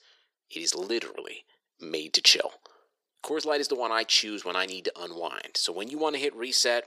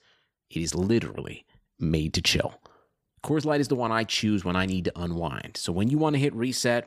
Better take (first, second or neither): second